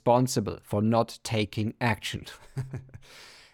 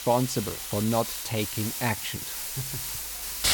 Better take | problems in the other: first | hiss; loud; throughout; 2 dB below the speech

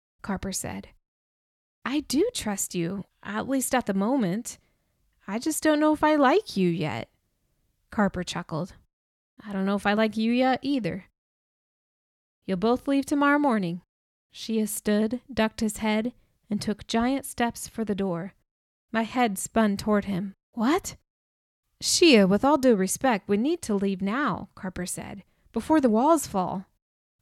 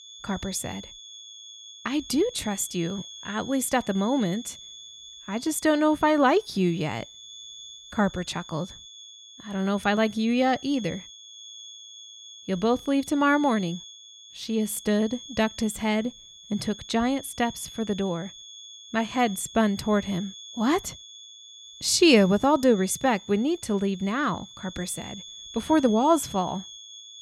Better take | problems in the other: first | high-pitched whine; noticeable; throughout; 3.5 kHz, 15 dB below the speech

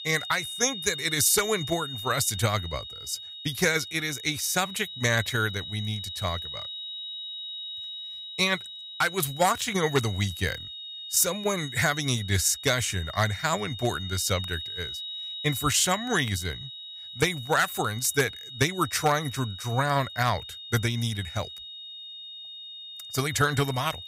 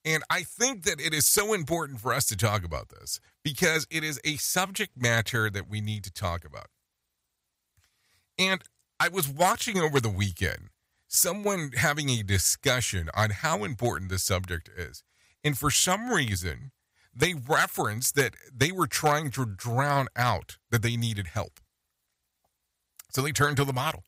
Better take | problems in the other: second | high-pitched whine; loud; throughout; 4 kHz, 10 dB below the speech

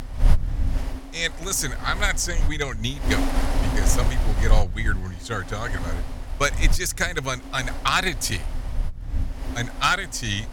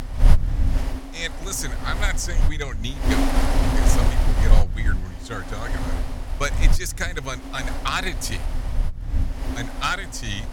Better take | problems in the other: first | wind noise on the microphone; heavy; 5 dB below the speech; occasional gusts in the first

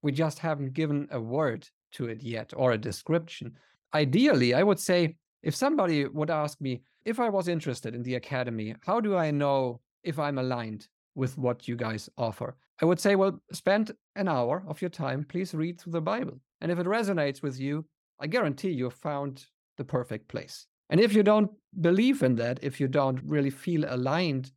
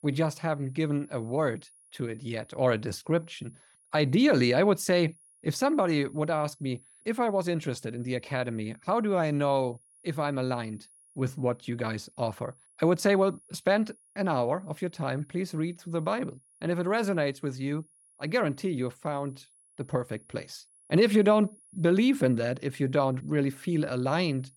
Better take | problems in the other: first | high-pitched whine; faint; throughout; 10.5 kHz, 30 dB below the speech

